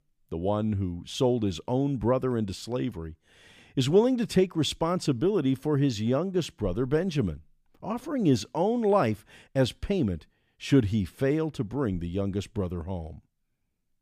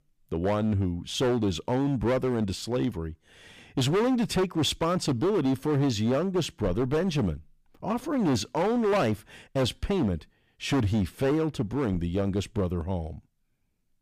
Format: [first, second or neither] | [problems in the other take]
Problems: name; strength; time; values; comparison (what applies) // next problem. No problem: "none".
first | distortion; heavy; 14% of the sound clipped